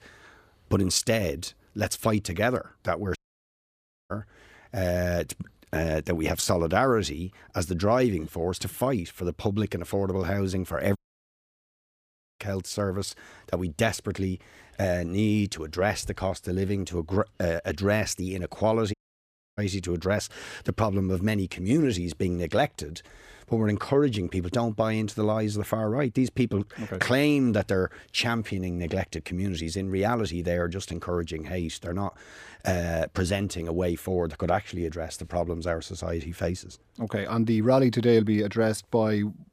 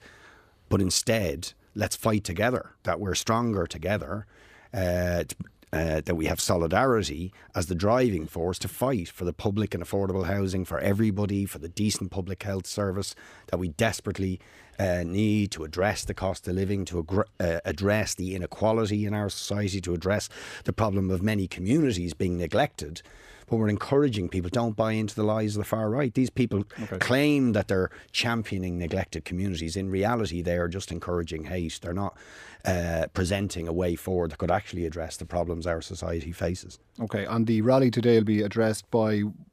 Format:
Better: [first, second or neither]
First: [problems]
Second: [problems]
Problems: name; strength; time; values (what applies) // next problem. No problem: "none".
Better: second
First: audio cutting out; at 3 s for 1 s, at 11 s for 1.5 s and at 19 s for 0.5 s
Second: none